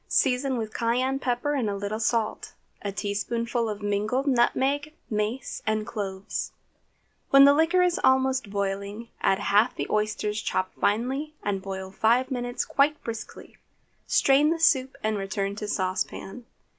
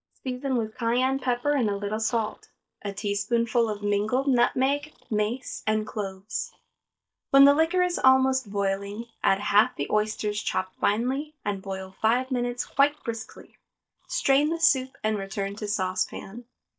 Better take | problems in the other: first | noise reduction (neural mask model DeepFilterNet 3)

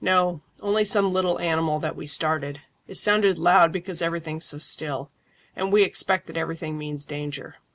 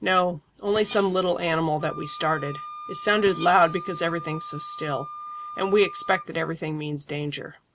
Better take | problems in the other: first | background sound (Wind instrument, woodwind instrument + Screech); 14 dB below the speech

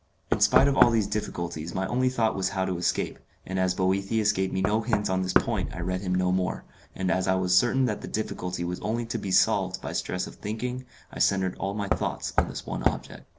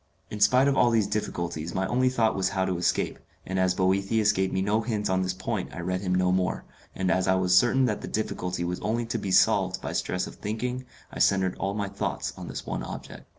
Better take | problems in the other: second | background sound (Knock); 6 dB below the speech

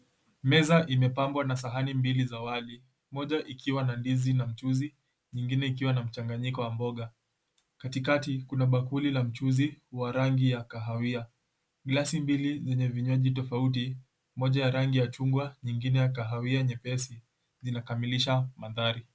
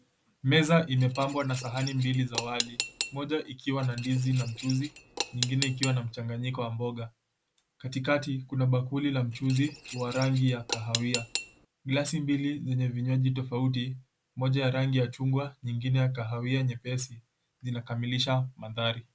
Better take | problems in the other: first | background sound (Cutlery, silverware / Dishes, pots, and pans); 8 dB below the speech

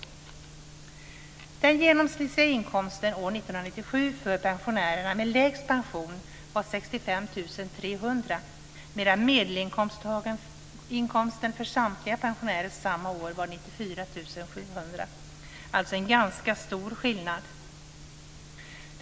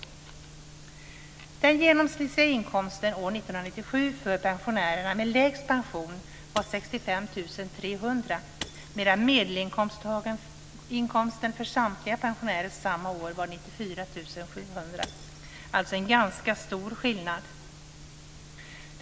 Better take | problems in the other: first | background sound (Shatter / Crushing); 17 dB below the speech

